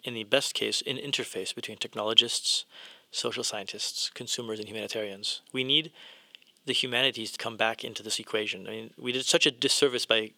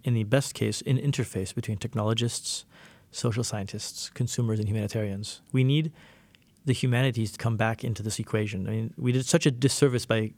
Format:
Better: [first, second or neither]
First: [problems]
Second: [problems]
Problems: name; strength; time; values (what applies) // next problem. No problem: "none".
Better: second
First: thin; somewhat; fading below 450 Hz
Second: none